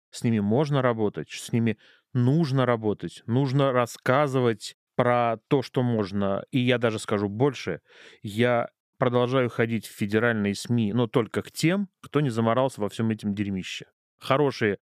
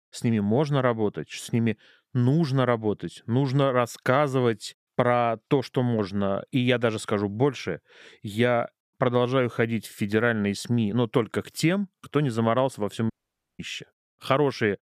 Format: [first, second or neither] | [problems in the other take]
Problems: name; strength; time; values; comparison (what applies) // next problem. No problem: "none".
first | audio cutting out; at 13 s